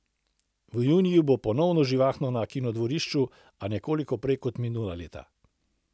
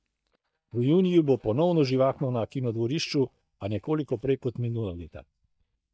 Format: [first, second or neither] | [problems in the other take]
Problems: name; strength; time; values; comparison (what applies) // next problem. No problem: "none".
first | noise reduction (neural mask model DeepFilterNet 3)